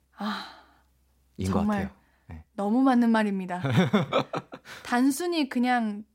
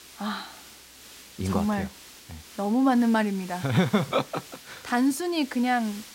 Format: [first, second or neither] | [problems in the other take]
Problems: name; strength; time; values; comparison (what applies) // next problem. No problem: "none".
first | hiss; noticeable; throughout; 20 dB below the speech